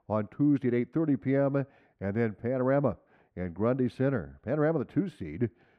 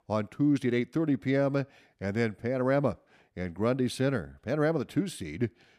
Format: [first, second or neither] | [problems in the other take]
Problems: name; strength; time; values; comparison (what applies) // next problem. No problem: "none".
second | muffled; very; fading above 3 kHz